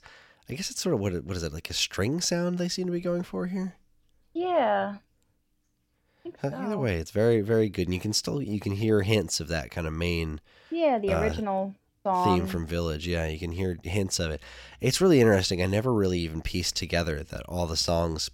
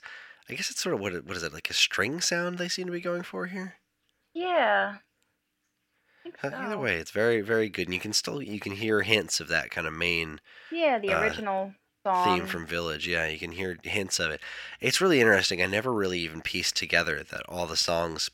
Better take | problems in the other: first | thin; somewhat; fading below 350 Hz

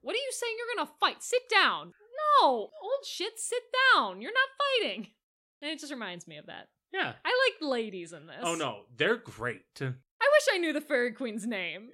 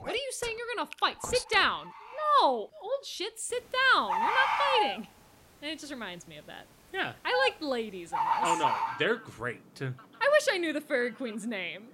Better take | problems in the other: first | animal sounds; loud; throughout; 2 dB below the speech

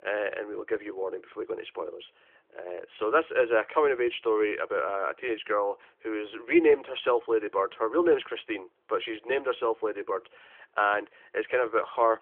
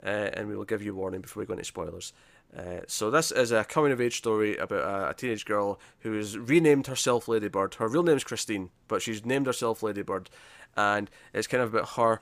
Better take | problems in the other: second | phone-call audio; nothing above 3.5 kHz

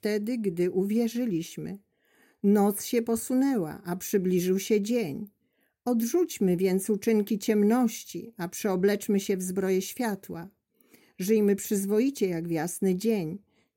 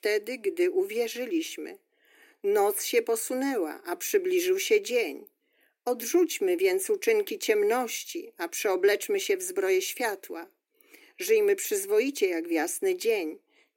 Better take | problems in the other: first | thin; very; fading below 300 Hz

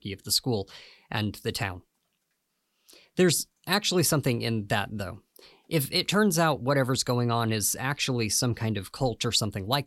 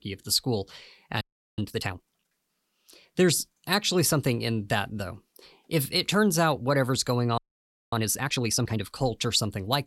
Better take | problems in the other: first | audio freezing; at 1 s and at 7.5 s for 0.5 s

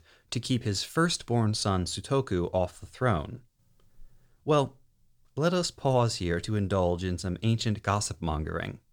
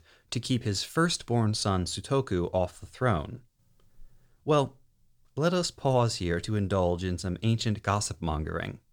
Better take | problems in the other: neither | none

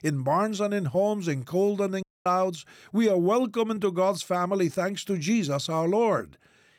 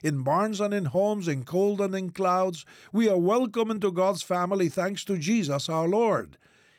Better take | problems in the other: second | audio cutting out; at 2 s

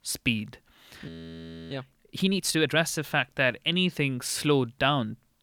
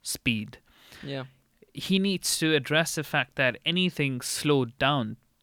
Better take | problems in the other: second | audio freezing; at 1 s for 0.5 s

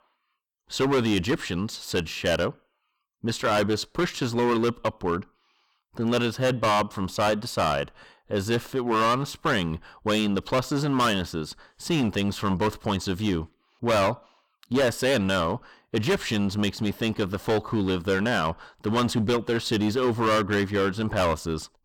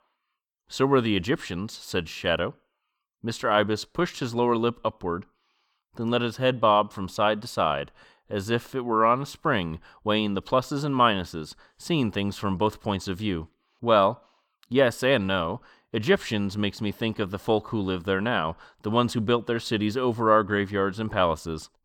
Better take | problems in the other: second | distortion; heavy; 11% of the sound clipped

